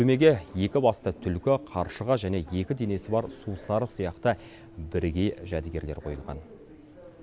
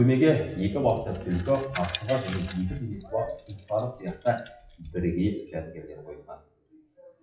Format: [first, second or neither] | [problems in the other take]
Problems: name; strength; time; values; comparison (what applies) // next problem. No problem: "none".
first | noise reduction (classical method WPE with log-MMSE)